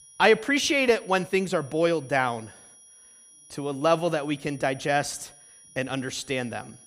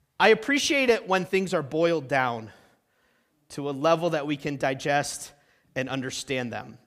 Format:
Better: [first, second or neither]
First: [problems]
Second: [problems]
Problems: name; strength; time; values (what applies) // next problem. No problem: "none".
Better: second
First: high-pitched whine; faint; throughout; 10.5 kHz, 25 dB below the speech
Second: none